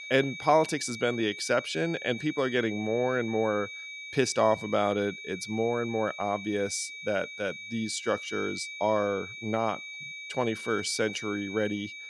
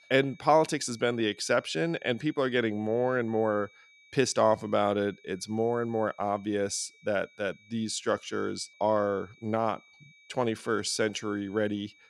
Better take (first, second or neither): second